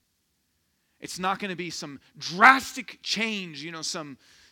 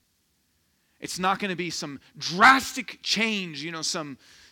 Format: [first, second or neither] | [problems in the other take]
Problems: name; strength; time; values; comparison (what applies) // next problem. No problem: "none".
first | distortion; slight; 10 dB below the speech